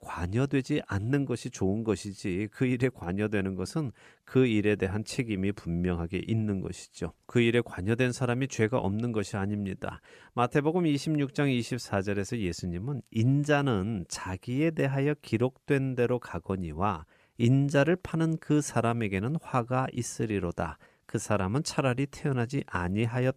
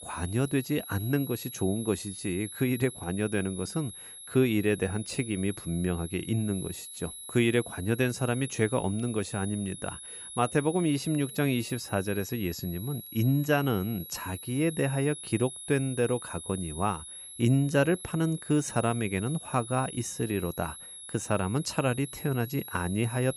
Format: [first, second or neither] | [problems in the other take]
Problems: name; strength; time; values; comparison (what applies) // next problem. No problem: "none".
first | high-pitched whine; noticeable; throughout; 11 kHz, 10 dB below the speech